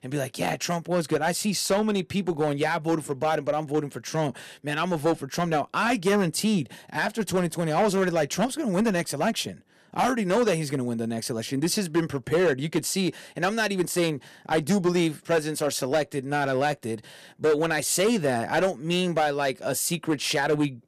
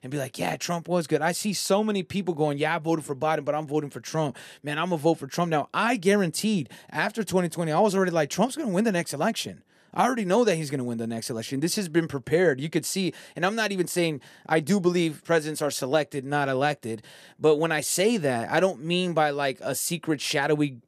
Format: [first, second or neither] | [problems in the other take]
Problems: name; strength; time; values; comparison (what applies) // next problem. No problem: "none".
second | distortion; slight; 5% of the sound clipped